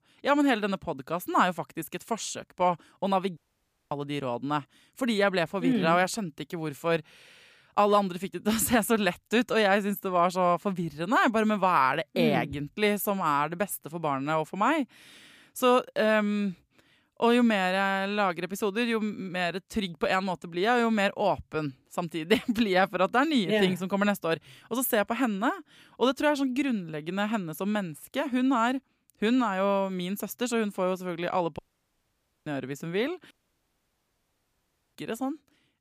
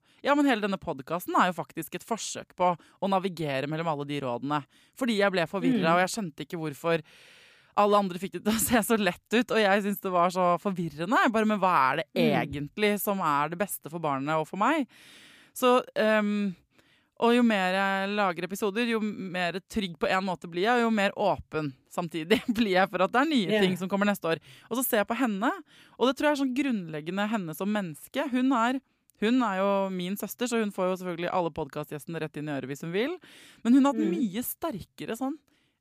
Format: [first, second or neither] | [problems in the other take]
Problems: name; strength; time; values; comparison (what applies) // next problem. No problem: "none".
second | audio cutting out; at 3.5 s for 0.5 s, at 32 s for 1 s and at 33 s for 1.5 s